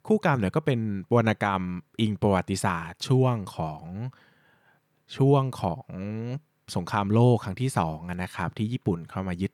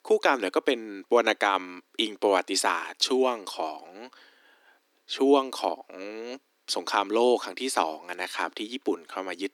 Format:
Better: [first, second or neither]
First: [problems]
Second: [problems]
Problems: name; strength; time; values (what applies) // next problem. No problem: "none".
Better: first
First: none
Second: thin; somewhat; fading below 300 Hz